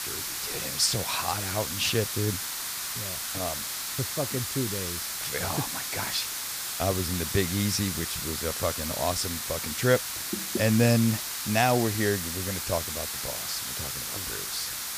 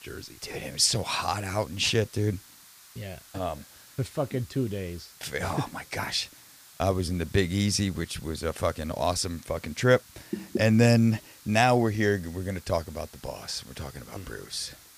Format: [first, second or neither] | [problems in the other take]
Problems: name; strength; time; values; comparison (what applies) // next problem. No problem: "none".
second | hiss; loud; throughout; 2 dB below the speech; faint in the second